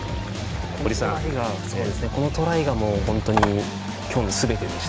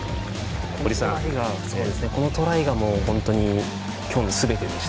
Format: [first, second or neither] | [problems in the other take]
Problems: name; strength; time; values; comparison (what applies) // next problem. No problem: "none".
second | background sound (Telephone); 5 dB below the speech